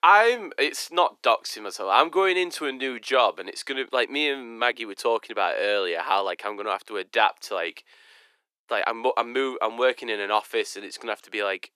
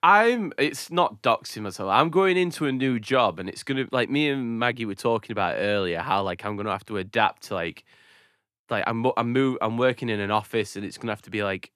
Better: second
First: thin; somewhat; fading below 350 Hz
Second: none

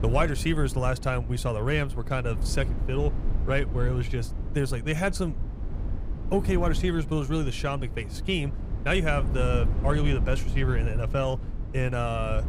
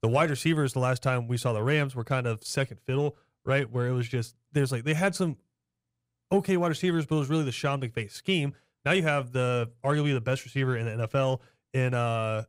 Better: second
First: low rumble; noticeable; throughout; 15 dB below the speech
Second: none

